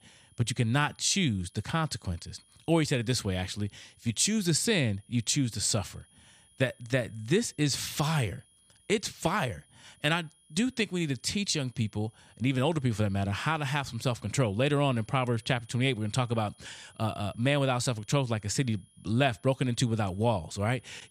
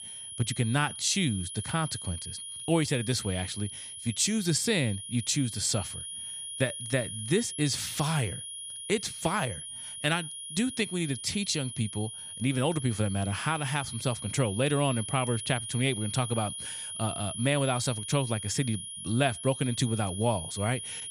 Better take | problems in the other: first | high-pitched whine; loud; throughout; 10.5 kHz, 7 dB below the speech; faint in the first

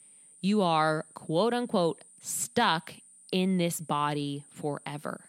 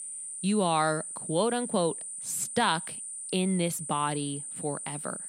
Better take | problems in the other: first | high-pitched whine; loud; throughout; 9 kHz, 6 dB below the speech; faint in the first

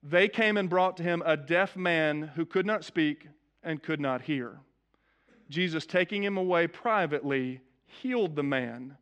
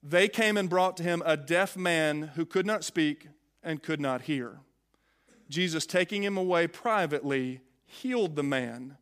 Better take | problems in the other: second | muffled; slightly; fading above 2.5 kHz

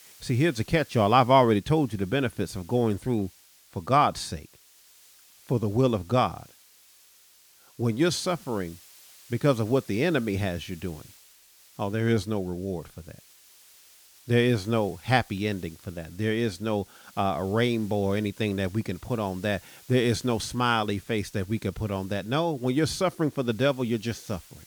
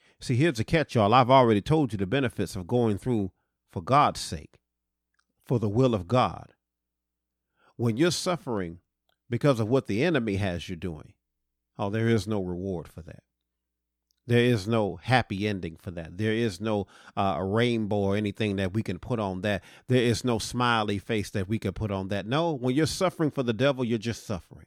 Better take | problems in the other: second | hiss; faint; throughout; 25 dB below the speech

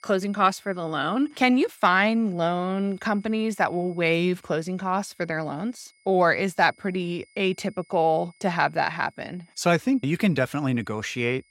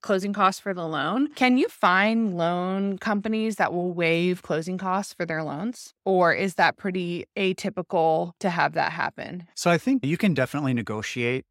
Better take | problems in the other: second | high-pitched whine; faint; throughout; 2 kHz, 35 dB below the speech

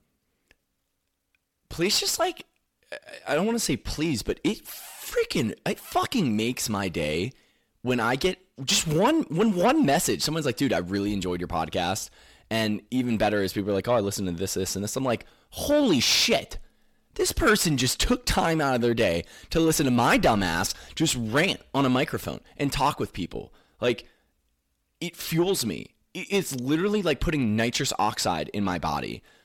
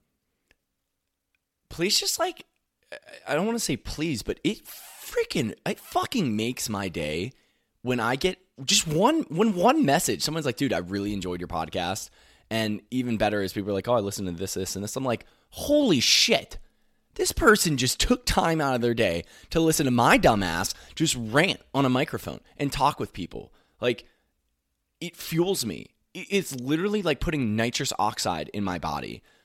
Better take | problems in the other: second | distortion; slight; 10 dB below the speech

